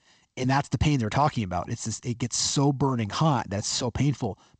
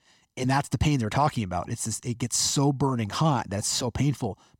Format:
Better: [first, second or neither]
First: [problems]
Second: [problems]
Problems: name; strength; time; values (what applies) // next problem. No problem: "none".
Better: second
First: garbled, watery; slightly; nothing above 8 kHz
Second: none